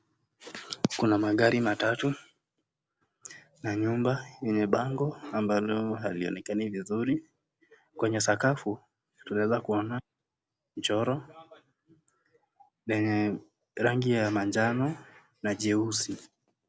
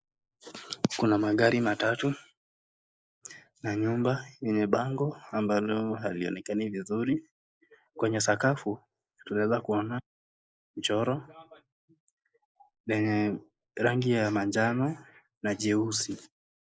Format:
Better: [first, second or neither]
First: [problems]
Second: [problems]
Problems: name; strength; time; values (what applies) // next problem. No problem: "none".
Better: first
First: none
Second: noise reduction (neural mask model Resemble Enhance denoiser)